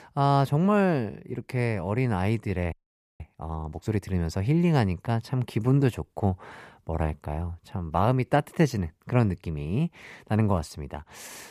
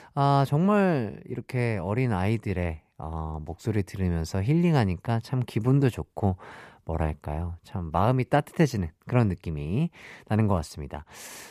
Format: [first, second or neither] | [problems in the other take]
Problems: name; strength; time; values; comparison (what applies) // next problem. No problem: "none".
second | audio freezing; at 2.5 s